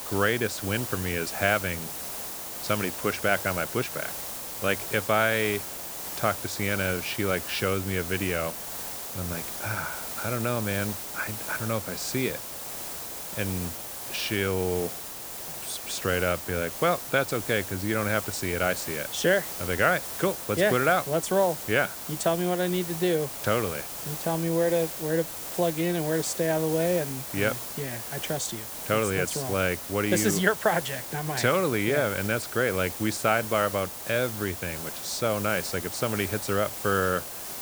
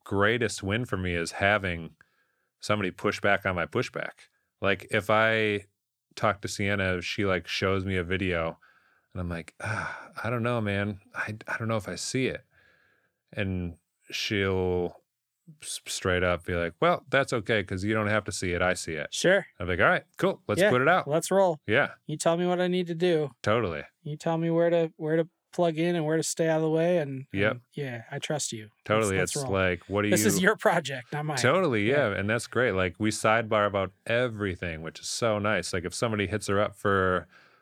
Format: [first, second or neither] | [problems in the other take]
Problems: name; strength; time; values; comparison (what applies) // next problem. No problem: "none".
second | hiss; loud; throughout; 6 dB below the speech